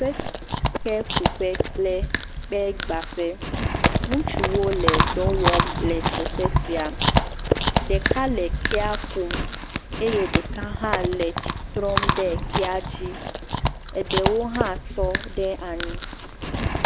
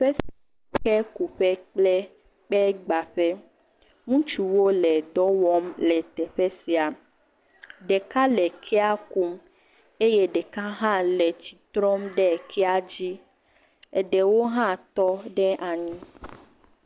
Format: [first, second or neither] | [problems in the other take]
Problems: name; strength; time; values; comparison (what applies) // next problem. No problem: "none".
second | background sound (Chewing, mastication); 2 dB above the speech